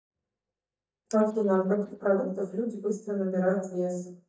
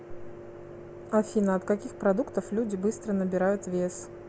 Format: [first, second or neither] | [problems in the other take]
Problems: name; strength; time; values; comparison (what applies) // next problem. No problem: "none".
second | noise reduction (neural mask model DeepFilterNet 3)